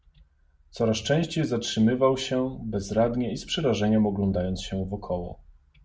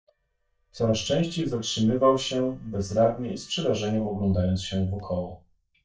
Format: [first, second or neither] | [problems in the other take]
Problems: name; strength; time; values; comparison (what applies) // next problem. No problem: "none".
first | noise reduction (neural mask model DeepFilterNet 3)